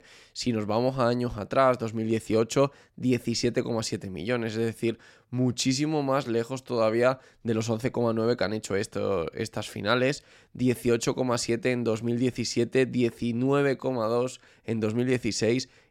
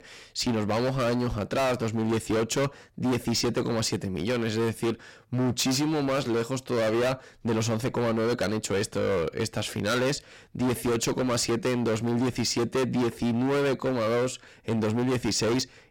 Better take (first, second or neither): first